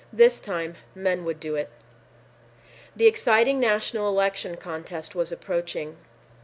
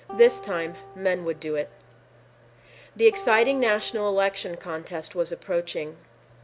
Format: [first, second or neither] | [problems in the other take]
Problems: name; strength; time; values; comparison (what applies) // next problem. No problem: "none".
first | background sound (Acoustic guitar); 18 dB below the speech